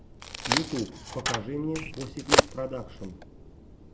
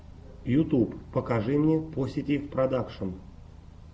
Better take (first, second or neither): second